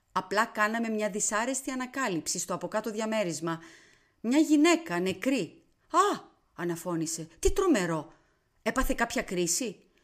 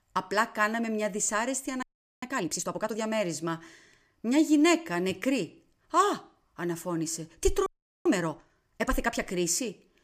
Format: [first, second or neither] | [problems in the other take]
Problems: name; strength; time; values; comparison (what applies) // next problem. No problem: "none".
first | audio freezing; at 2 s and at 7.5 s